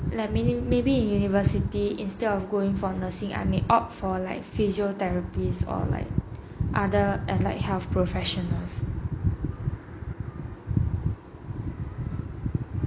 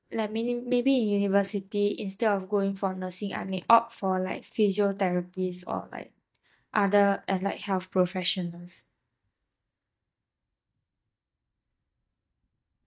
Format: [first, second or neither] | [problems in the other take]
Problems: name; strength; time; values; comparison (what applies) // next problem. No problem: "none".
first | noise reduction (neural mask model DeepFilterNet 3)